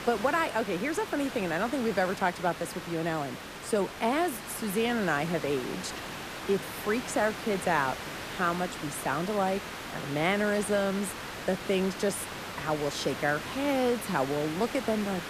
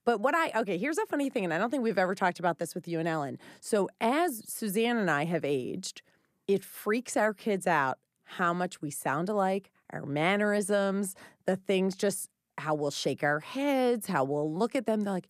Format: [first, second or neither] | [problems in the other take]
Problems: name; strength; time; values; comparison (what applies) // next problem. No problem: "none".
second | hiss; loud; throughout; 8 dB below the speech